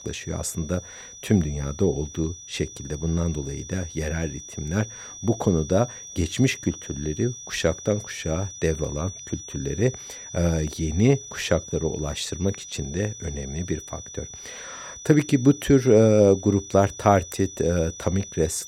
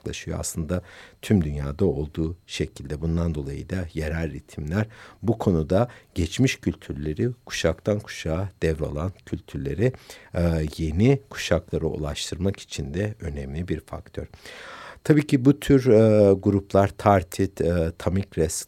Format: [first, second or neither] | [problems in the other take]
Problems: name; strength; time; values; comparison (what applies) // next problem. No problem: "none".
second | high-pitched whine; noticeable; throughout; 6 kHz, 15 dB below the speech